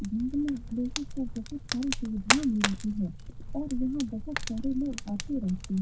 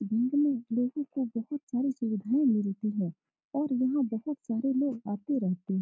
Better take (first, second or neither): second